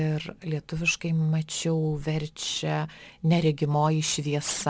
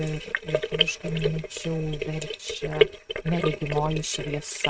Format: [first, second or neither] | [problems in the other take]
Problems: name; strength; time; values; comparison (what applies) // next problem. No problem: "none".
first | noise reduction (neural mask model RNNoise)